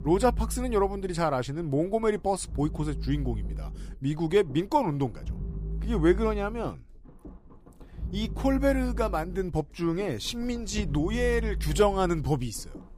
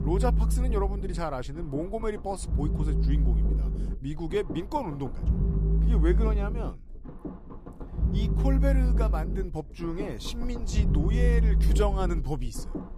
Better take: first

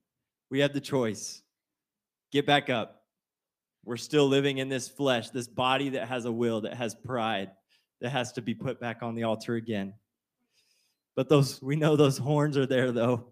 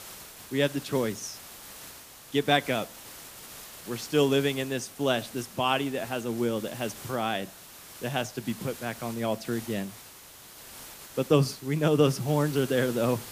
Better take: first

